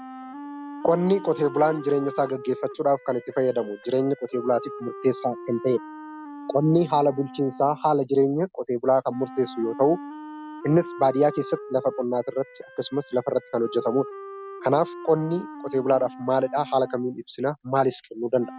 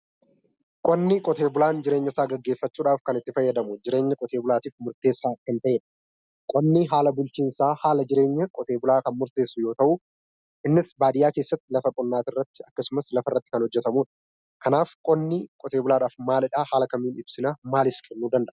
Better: second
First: background sound (Wind instrument, woodwind instrument); 15 dB below the speech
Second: none

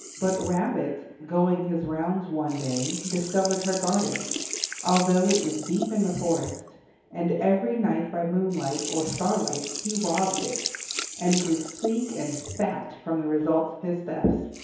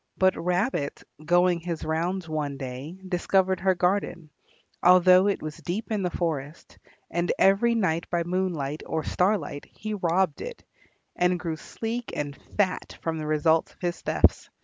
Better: second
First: background sound (Sink (filling or washing)); 9 dB below the speech // room echo; dies away in 2.2 s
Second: none

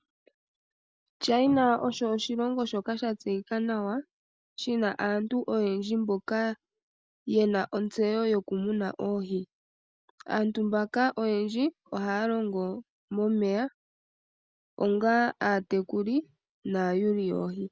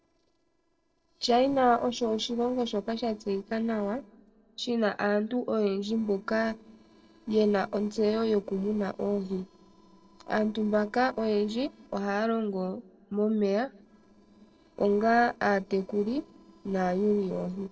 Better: first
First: none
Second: noise reduction (neural separator model SepFormer DNS4)

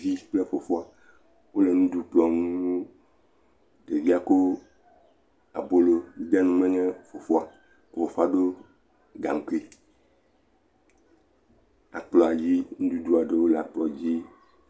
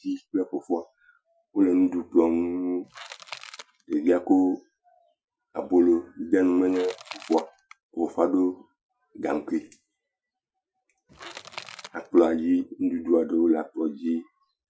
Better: first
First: none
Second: noise reduction (classical method Wiener filter)

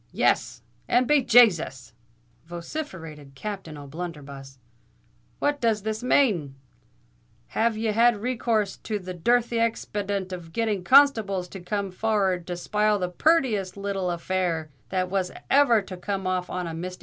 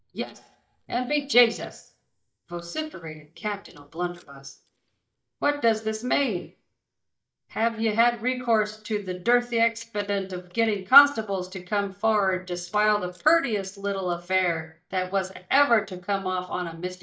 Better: first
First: none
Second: noise reduction (neural mask model DeepFilterNet 3)

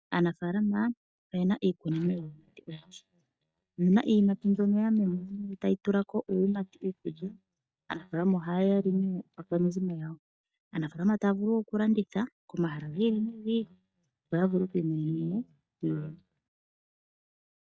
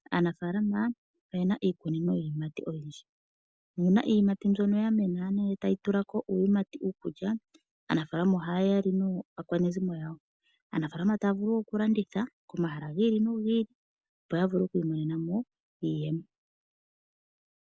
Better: second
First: noise reduction (neural mask model DeepFilterNet 3)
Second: none

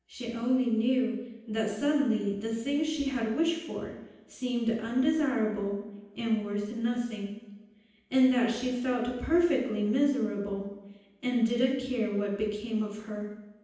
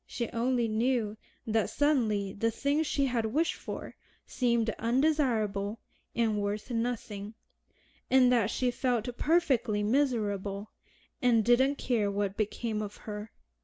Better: second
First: room echo; dies away in 0.9 s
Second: none

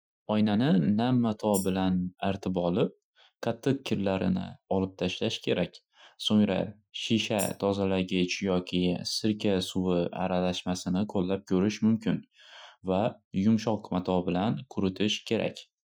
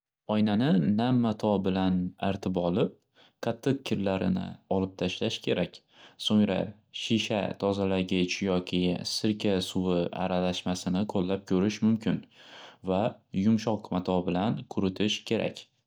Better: second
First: noise reduction (classical method Wiener filter)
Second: none

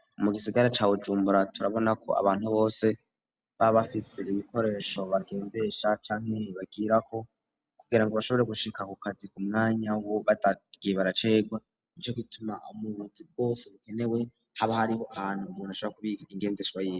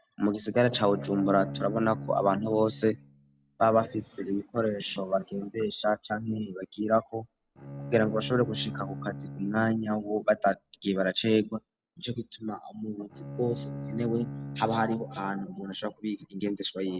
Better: first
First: none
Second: background sound (Bowed string instrument); 11 dB below the speech

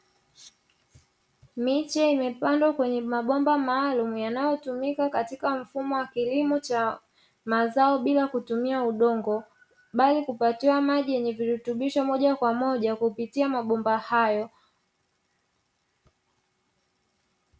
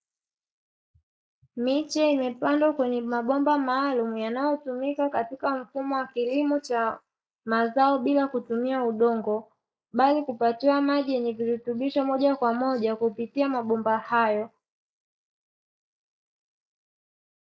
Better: first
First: none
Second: noise reduction (neural mask model Resemble Enhance denoiser)

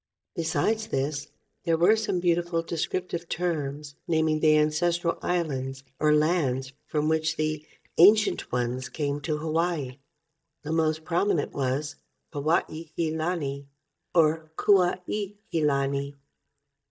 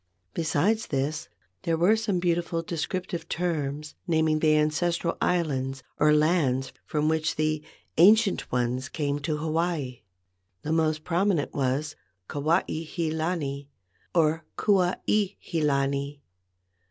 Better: second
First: noise reduction (neural mask model DeepFilterNet 3)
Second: none

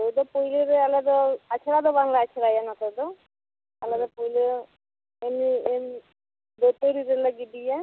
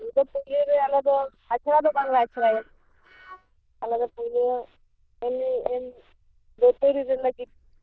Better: first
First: none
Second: noise reduction (neural diffusion model UNIVERSE++)

